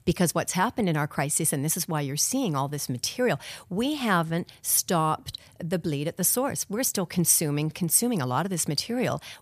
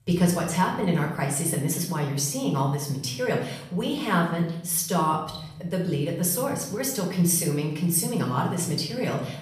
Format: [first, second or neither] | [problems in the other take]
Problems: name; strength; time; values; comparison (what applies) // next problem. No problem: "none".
first | off-mic speech; far // room echo; noticeable; dies away in 0.8 s